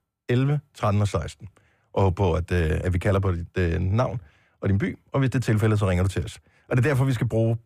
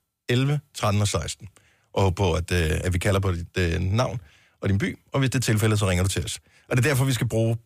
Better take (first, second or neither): second